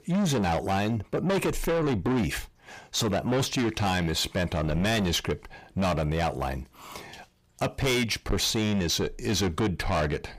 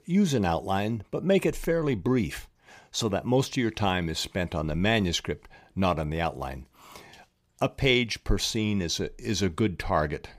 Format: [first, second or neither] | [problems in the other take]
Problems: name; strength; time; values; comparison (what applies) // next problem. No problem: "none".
second | distortion; heavy; 6 dB below the speech